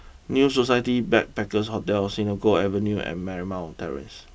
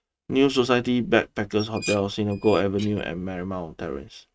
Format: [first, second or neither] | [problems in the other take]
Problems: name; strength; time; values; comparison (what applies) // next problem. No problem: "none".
first | noise reduction (neural mask model RNNoise)